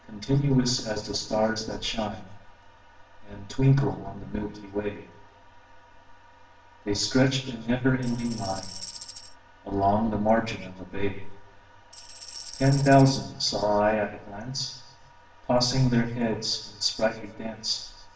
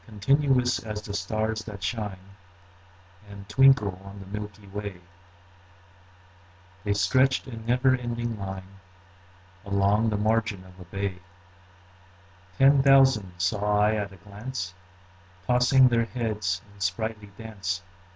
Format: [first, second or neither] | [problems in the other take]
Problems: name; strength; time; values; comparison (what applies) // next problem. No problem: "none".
second | background sound (Tambourine); 14 dB below the speech // room echo; dies away in 0.7 s